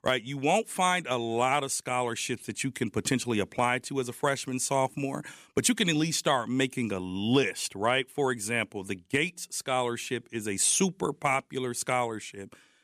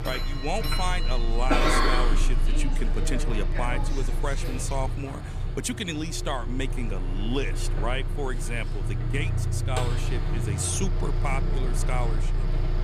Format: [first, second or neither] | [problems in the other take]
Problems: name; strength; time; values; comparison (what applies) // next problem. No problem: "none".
first | traffic noise; very loud; throughout; 4 dB above the speech